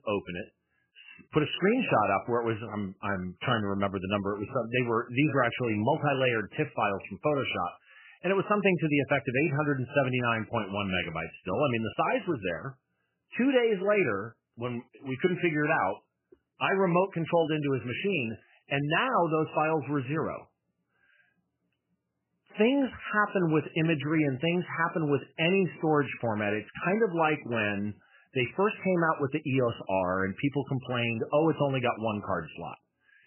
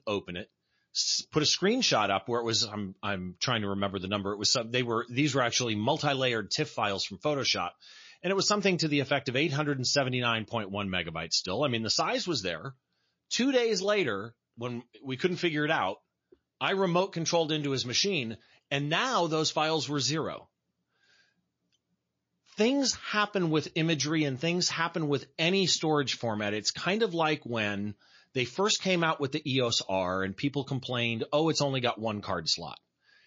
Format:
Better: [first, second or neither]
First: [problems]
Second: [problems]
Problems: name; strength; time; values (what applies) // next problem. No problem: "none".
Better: second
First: garbled, watery; badly; nothing above 3 kHz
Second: garbled, watery; slightly; nothing above 6.5 kHz